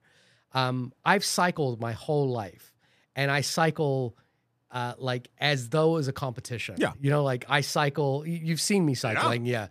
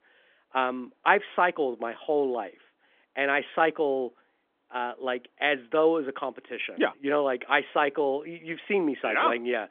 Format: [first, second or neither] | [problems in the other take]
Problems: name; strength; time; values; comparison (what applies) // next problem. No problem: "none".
first | phone-call audio; nothing above 3.5 kHz